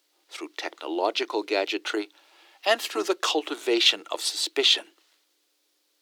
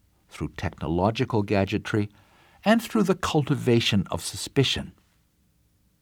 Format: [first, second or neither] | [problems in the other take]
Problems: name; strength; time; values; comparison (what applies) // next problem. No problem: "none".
second | thin; very; fading below 300 Hz